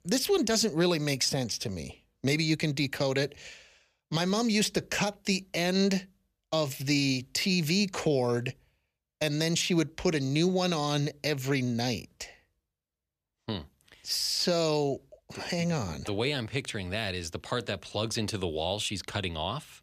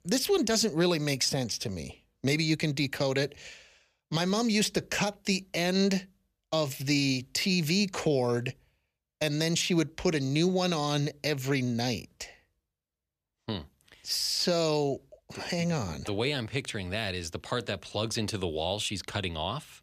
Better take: neither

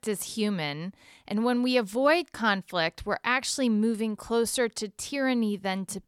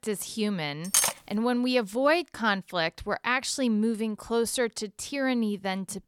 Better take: first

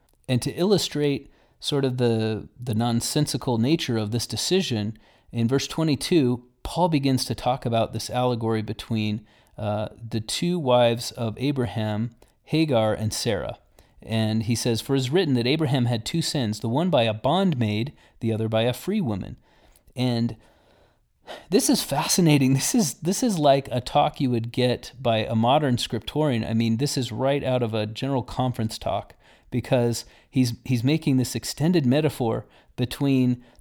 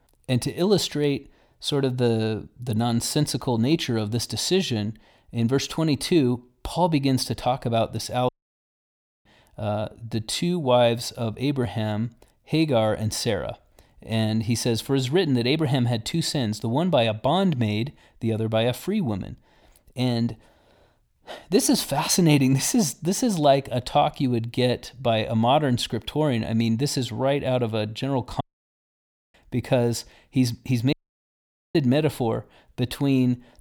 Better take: first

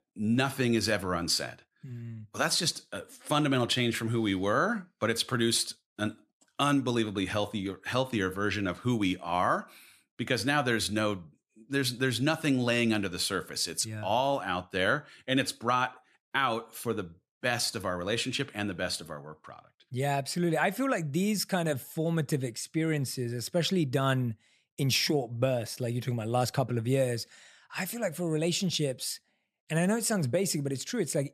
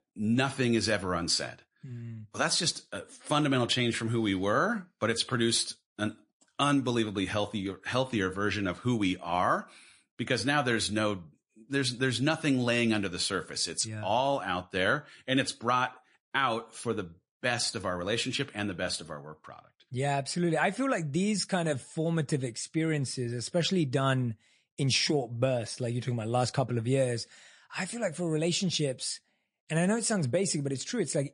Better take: first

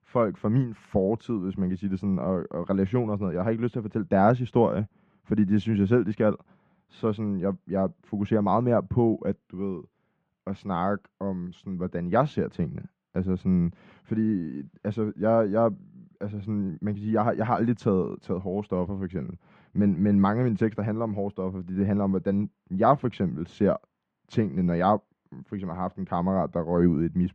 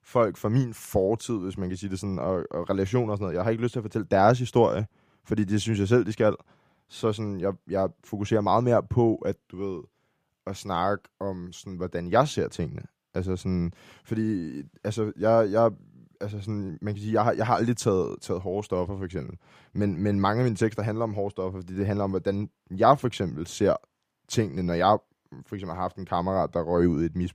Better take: second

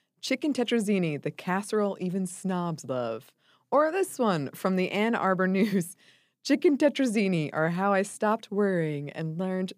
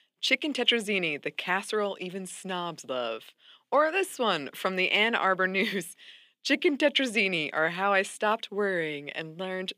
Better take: first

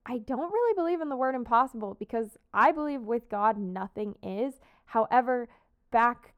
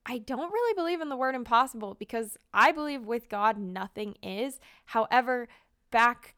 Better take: second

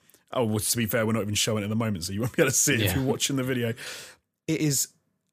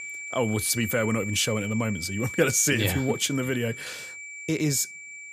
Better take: first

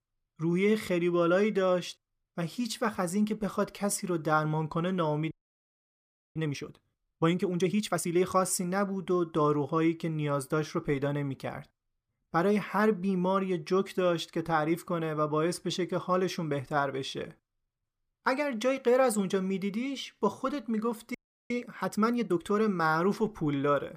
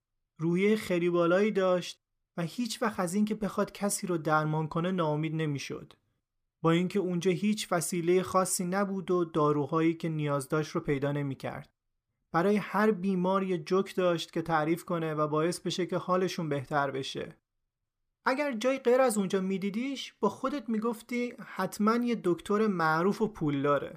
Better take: second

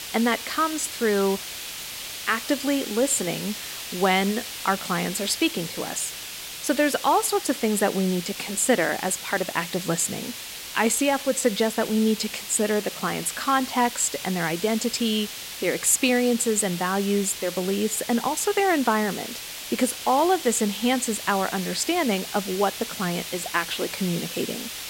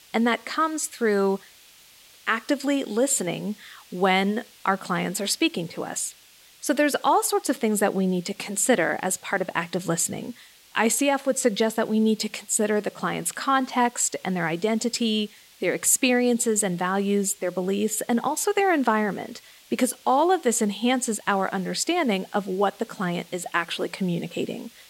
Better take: second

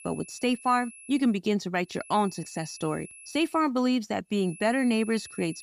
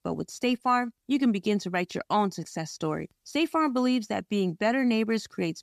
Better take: second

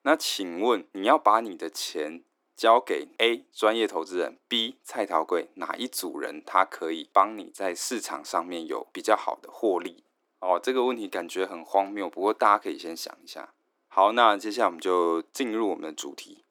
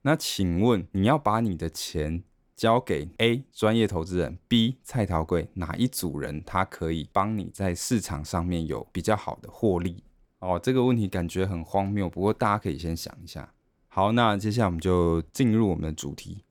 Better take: second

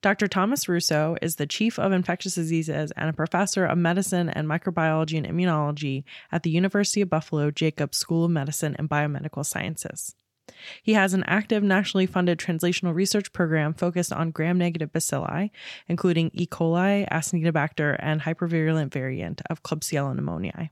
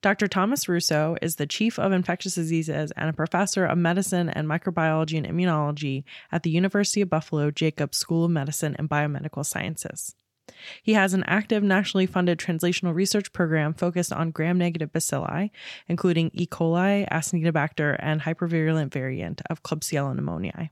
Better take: neither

